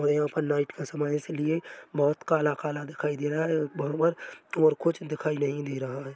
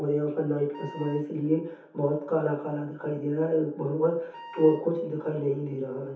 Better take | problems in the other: first | background sound (Wind instrument, woodwind instrument); 18 dB below the speech // room echo; dies away in 0.5 s

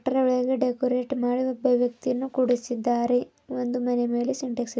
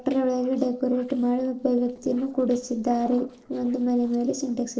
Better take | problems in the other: first | noise reduction (neural separator model SepFormer DNS4)

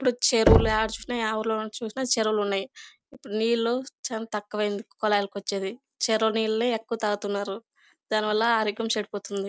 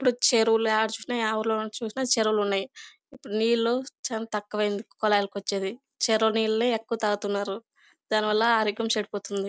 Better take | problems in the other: second | background sound (Knock); 1 dB below the speech

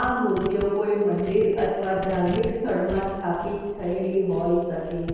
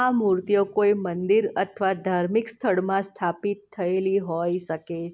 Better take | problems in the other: second | background sound (Tearing); 15 dB below the speech // room echo; dies away in 1.2 s

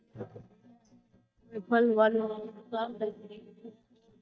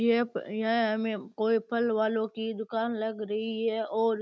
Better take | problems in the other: second | noise reduction (neural mask model DeepFilterNet 3)

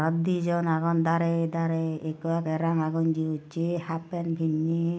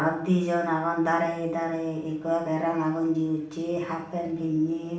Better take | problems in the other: first | room echo; dies away in 0.5 s

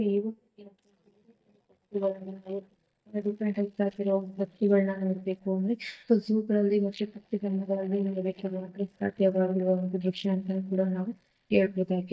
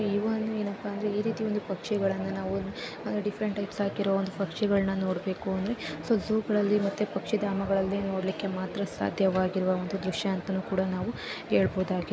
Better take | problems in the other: second | noise reduction (neural mask model DeepFilterNet 3)

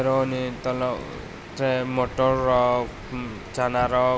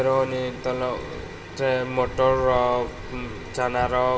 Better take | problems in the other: first | room echo; dies away in 2 s

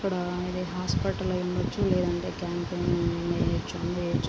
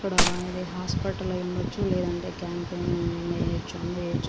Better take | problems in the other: first | background sound (Gunshot, gunfire); 3 dB below the speech

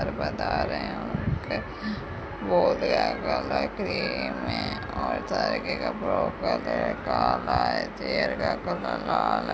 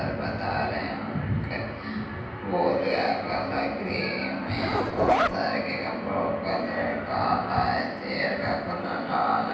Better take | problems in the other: first | background sound (Zipper (clothing)); 1 dB above the speech // room echo; dies away in 0.9 s

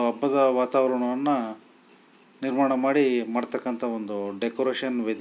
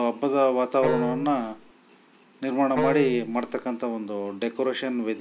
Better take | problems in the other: first | background sound (Wind instrument, woodwind instrument); 4 dB below the speech

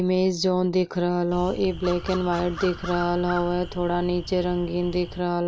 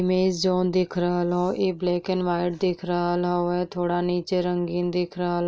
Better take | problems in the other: second | background sound (Crow); 12 dB below the speech

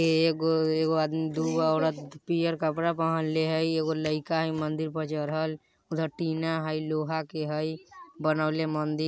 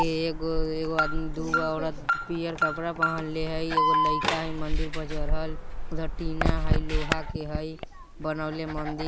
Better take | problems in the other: first | background sound (Alarm); 4 dB above the speech

